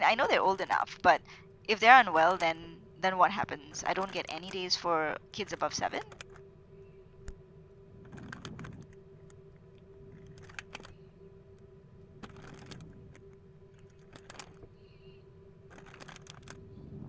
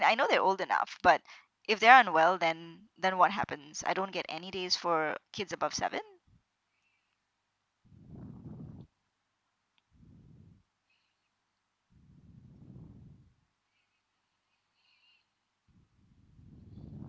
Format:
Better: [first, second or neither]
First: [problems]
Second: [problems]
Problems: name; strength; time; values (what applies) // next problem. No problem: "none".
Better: second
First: background sound (Rain + Crumpling, crinkling); 19 dB below the speech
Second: none